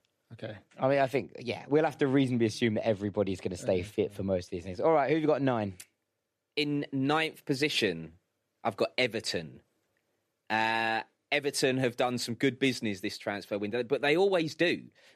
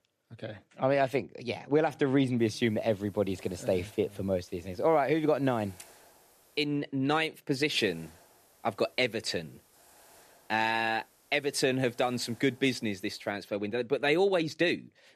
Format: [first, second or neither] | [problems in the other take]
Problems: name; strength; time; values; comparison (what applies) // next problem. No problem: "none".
first | hiss; faint; from 2.5 to 6.5 s and from 8 to 13 s; 30 dB below the speech